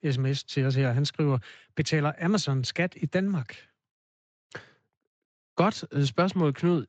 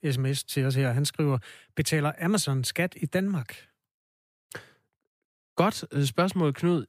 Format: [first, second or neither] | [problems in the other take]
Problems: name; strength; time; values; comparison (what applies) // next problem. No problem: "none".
second | garbled, watery; slightly; nothing above 7.5 kHz